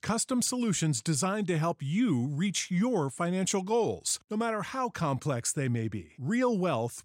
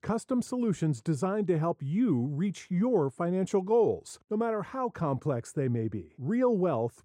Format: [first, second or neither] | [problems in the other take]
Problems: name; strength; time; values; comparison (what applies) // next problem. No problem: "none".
first | muffled; very; fading above 2 kHz